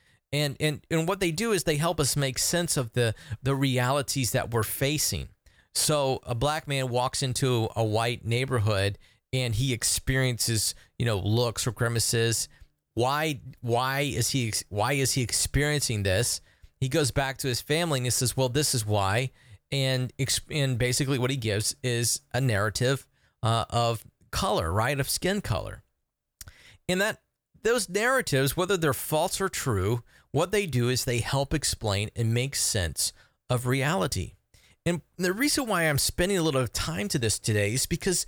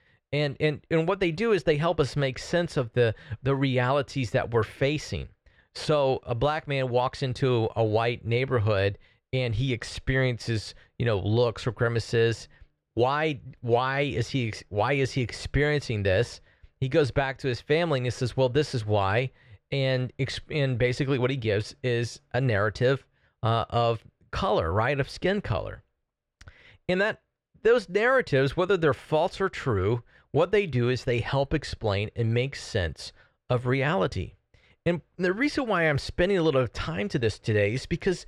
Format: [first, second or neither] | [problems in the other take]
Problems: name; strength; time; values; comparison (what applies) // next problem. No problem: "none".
first | muffled; slightly; fading above 2.5 kHz